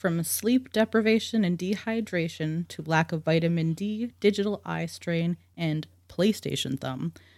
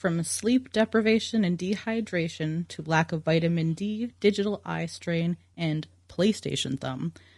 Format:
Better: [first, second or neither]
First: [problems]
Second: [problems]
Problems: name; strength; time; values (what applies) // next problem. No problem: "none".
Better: first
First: none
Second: garbled, watery; slightly; nothing above 11 kHz